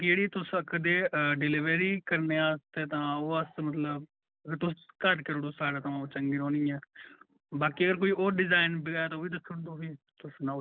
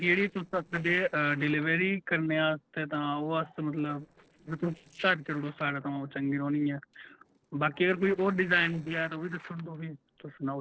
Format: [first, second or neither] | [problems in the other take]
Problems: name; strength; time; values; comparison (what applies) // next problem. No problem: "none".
first | noise reduction (neural separator model SepFormer DNS4)